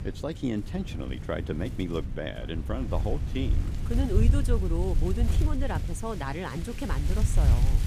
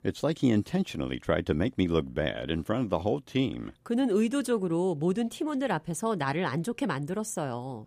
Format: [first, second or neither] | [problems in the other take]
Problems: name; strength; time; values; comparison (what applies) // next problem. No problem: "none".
second | wind noise on the microphone; heavy; 8 dB below the speech